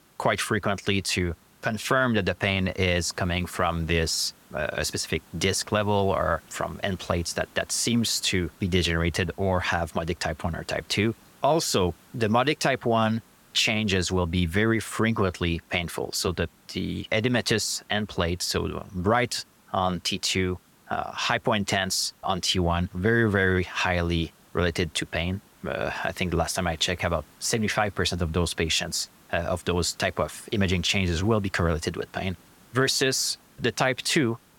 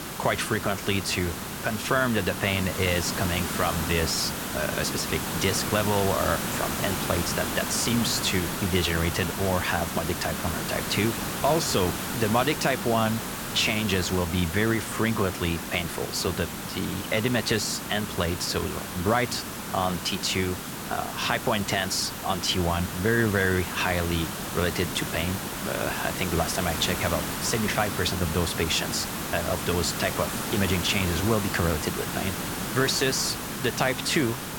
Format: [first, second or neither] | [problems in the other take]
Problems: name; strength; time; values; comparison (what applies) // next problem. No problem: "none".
first | hiss; loud; throughout; 4 dB below the speech; faint in the first